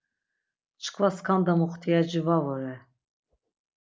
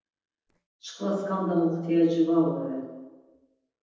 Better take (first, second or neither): first